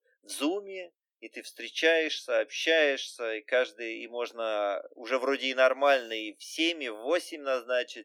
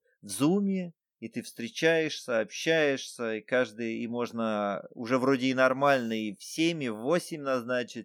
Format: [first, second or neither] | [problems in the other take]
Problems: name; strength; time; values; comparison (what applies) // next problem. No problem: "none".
second | thin; somewhat; fading below 300 Hz